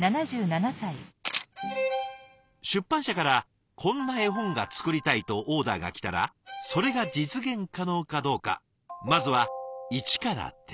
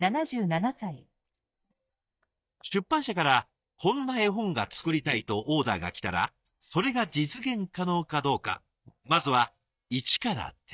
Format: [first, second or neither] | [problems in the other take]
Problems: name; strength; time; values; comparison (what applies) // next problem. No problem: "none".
first | noise reduction (neural mask model DeepFilterNet 3)